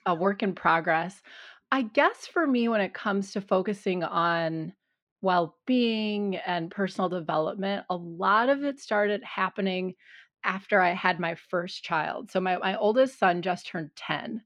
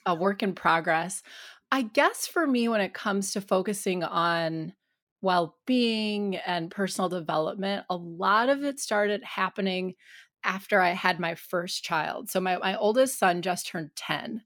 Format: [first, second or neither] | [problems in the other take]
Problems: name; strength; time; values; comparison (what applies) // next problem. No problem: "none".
second | muffled; slightly; fading above 3 kHz